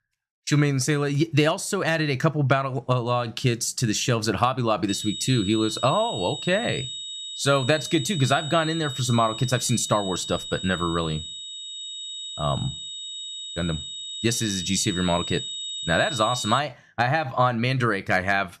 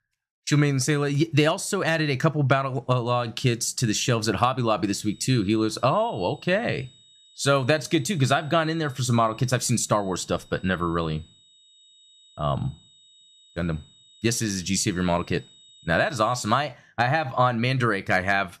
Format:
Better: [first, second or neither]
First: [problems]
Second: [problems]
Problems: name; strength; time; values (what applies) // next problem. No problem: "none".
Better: second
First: high-pitched whine; loud; from 5 to 17 s; 4 kHz, 7 dB below the speech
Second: high-pitched whine; faint; from 5 to 17 s; 4 kHz, 25 dB below the speech